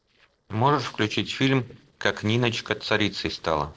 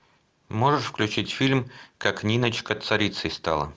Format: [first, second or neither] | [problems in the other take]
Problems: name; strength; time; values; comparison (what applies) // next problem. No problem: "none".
second | noise reduction (neural separator model SepFormer DNS4)